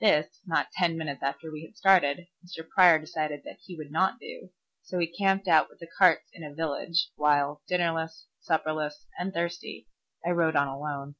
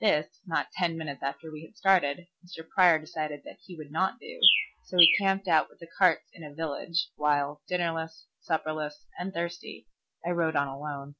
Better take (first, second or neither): first